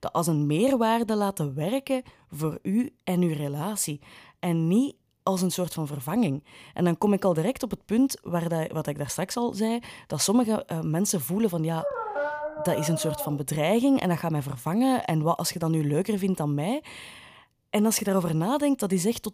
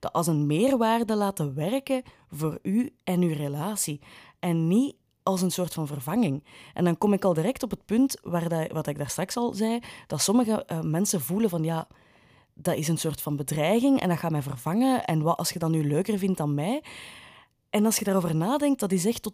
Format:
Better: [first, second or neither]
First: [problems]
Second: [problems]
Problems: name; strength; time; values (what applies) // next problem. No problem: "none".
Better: second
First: dog barking; noticeable; from 12 to 13 s; peak 3 dB below the speech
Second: none